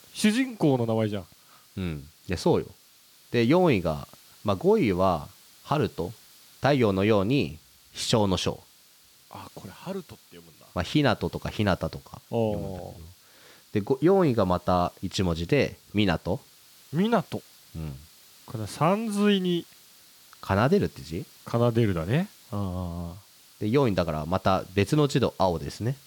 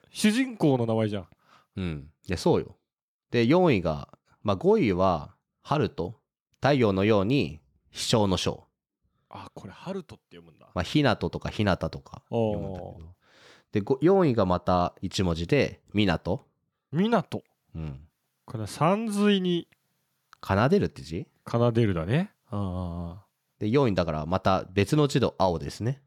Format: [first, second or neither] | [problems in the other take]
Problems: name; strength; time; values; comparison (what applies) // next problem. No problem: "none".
second | hiss; faint; throughout; 25 dB below the speech